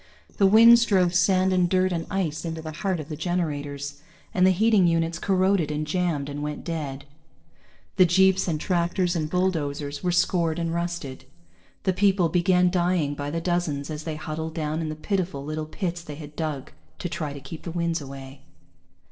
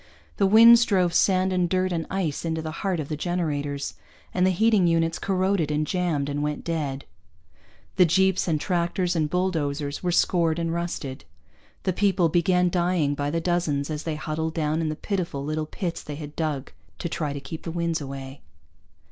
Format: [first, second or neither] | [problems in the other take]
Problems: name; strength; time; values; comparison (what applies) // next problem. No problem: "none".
second | noise reduction (neural separator model SepFormer DNS4)